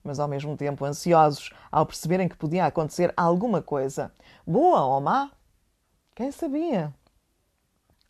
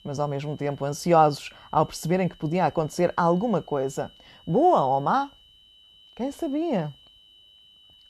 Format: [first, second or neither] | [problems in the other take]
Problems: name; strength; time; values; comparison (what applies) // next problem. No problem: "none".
first | high-pitched whine; faint; throughout; 3 kHz, 25 dB below the speech